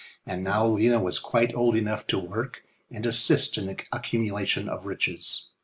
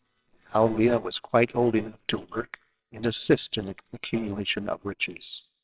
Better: first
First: none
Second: noise reduction (neural separator model SepFormer WHAMR!)

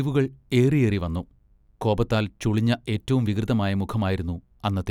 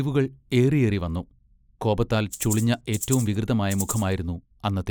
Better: first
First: none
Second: noise reduction (neural mask model Resemble Enhance denoiser)

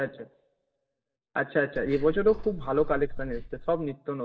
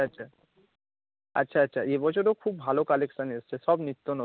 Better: second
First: noise reduction (neural mask model DeepFilterNet 3)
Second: none

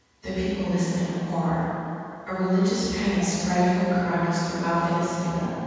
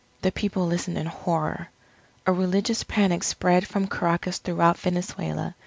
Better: second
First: room echo; dies away in 2.1 s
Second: none

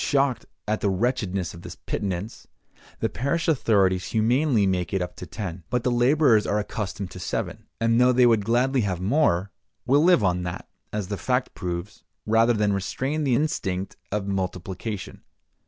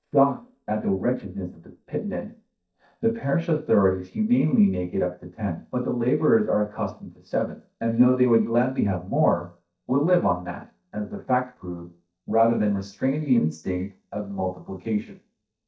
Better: first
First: none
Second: noise reduction (neural mask model DeepFilterNet 3)

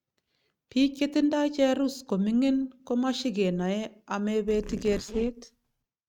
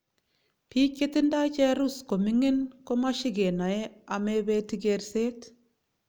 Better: second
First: noise reduction (neural mask model RNNoise)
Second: none

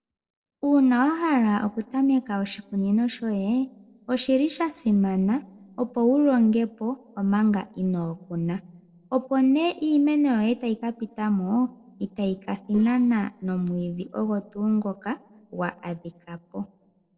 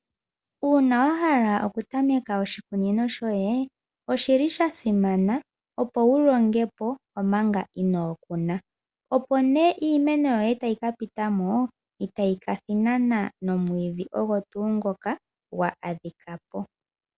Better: second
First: noise reduction (neural separator model SepFormer DNS4)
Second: none

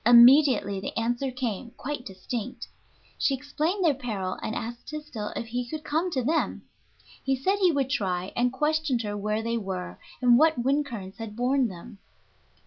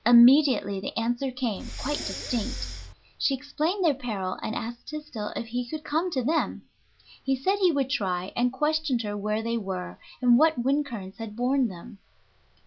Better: first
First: none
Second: background sound (Breathing); 8 dB below the speech

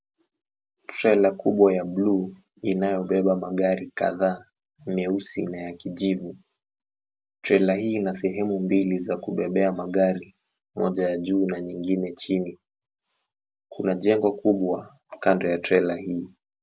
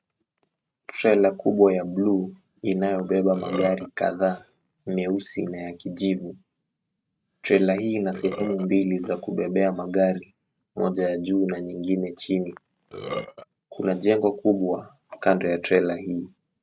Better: first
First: none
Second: noise reduction (neural mask model RNNoise)

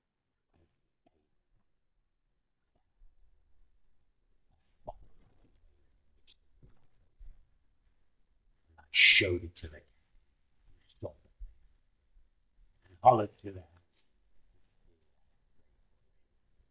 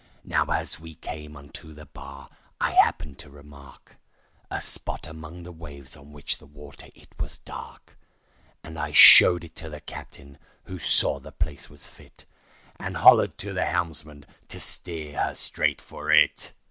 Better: second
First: noise reduction (neural mask model DeepFilterNet 3)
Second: none

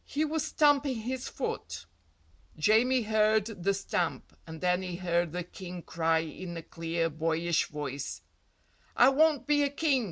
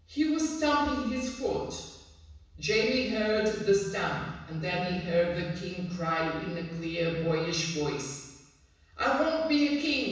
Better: first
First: none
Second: room echo; dies away in 1.1 s

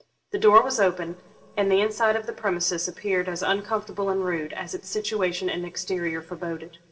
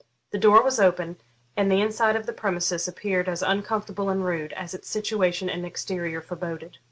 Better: second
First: room echo; dies away in 0.6 s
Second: none

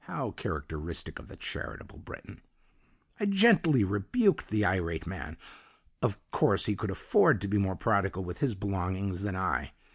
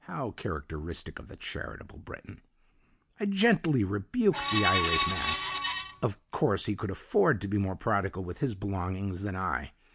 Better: first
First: none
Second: background sound (Screech); as loud as the speech

